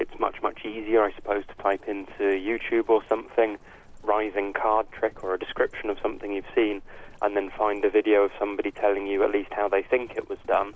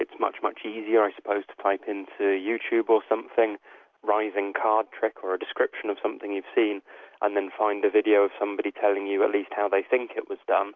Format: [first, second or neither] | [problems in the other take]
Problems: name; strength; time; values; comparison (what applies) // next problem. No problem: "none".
second | background sound (Livestock, farm animals, working animals); 18 dB below the speech